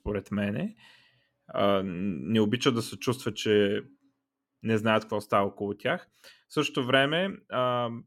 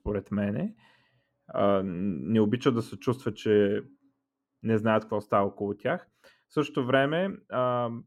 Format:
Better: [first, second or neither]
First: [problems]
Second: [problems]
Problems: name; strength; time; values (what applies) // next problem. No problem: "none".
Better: first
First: none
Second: muffled; slightly; fading above 2 kHz